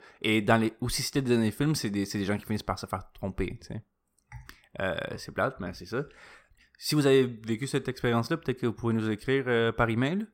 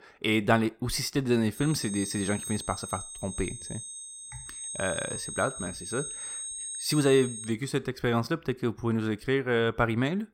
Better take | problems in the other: first | high-pitched whine; loud; from 1.5 to 7.5 s; 8.5 kHz, 7 dB below the speech

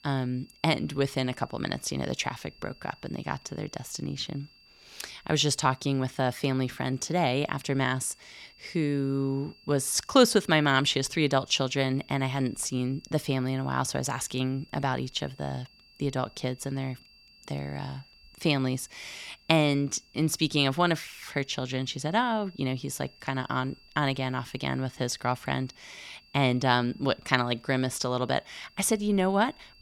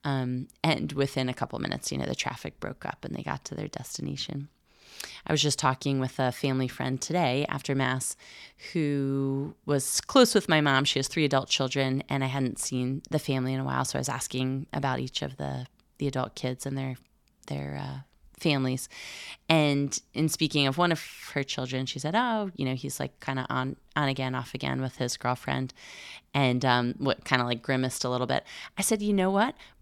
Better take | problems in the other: second | high-pitched whine; faint; throughout; 4.5 kHz, 25 dB below the speech

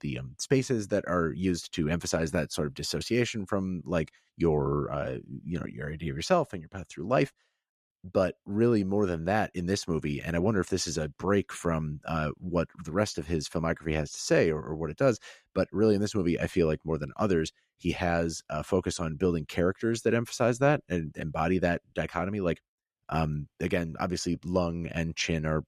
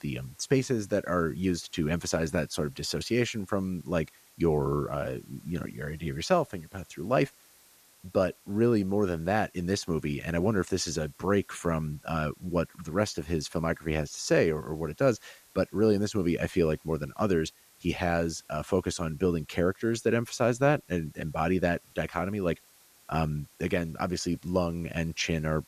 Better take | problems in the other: first | hiss; faint; throughout; 25 dB below the speech

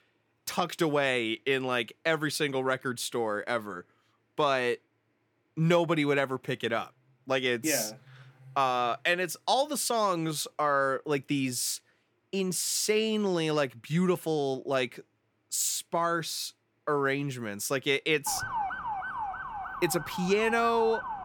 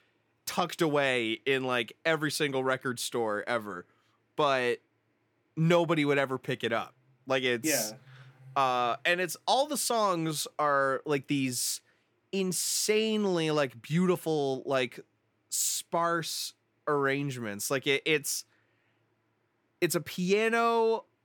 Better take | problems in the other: second | siren; noticeable; from 18 s on; peak 4 dB below the speech

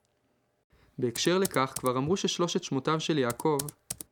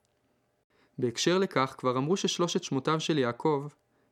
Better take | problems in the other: second | keyboard typing; noticeable; from 1 s on; peak 7 dB below the speech

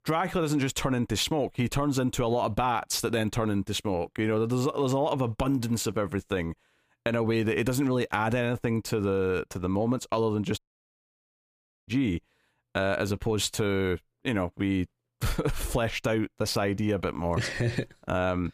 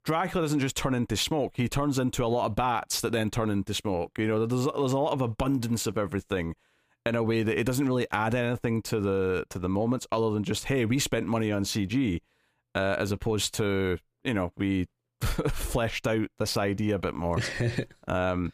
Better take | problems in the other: second | audio cutting out; at 11 s for 1.5 s

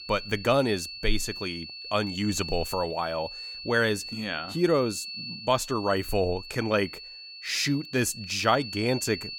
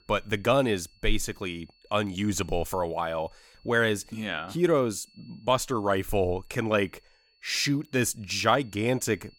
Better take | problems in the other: second | high-pitched whine; loud; throughout; 4.5 kHz, 10 dB below the speech; faint in the second

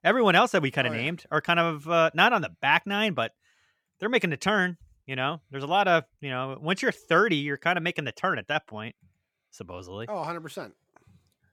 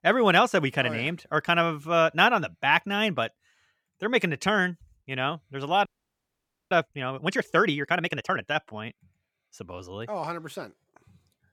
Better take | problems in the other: first | audio freezing; at 6 s for 1 s

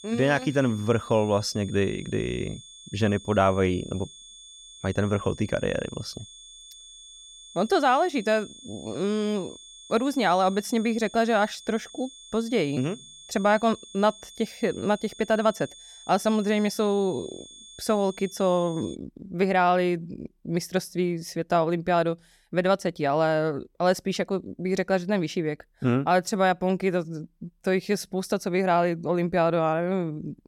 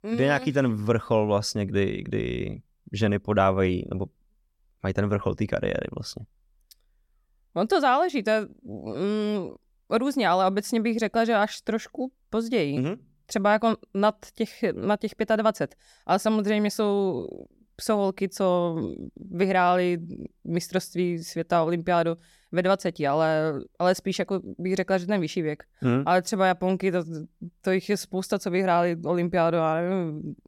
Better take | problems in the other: second | high-pitched whine; noticeable; until 19 s; 3.5 kHz, 20 dB below the speech

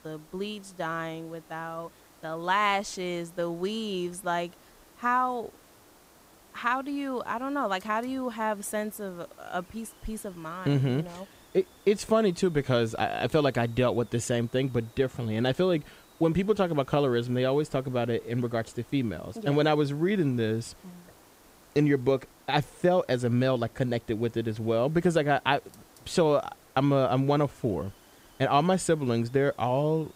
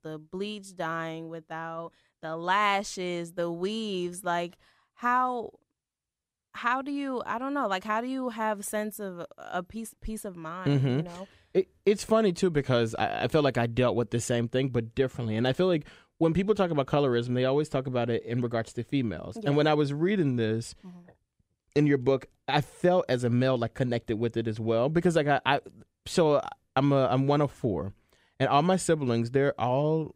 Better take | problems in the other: second | hiss; faint; throughout; 25 dB below the speech

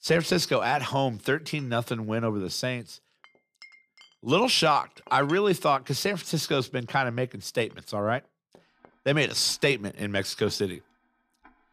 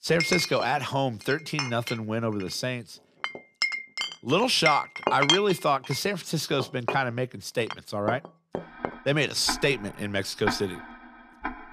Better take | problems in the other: first | household noises; loud; throughout; 4 dB below the speech; faint in the first

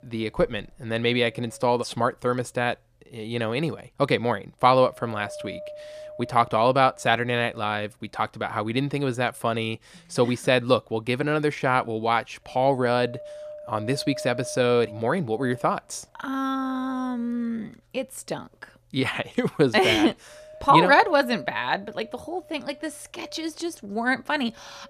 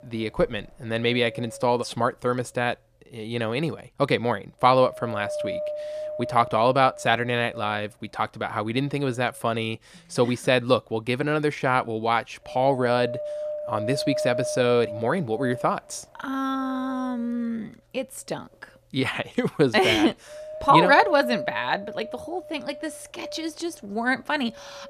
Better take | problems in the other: first | wind noise on the microphone; heavy; 9 dB below the speech; occasional gusts in the first

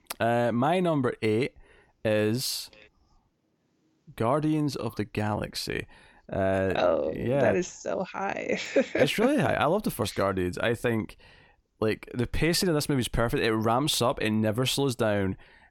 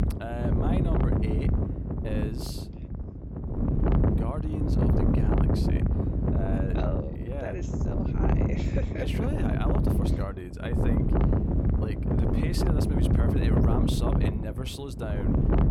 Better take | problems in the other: first | wind noise on the microphone; heavy; 4 dB above the speech

